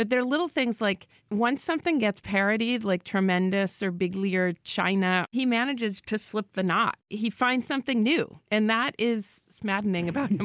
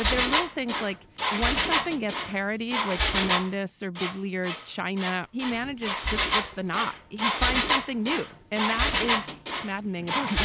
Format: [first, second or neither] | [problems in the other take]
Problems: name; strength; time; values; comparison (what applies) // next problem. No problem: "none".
first | background sound (Engine); 2 dB above the speech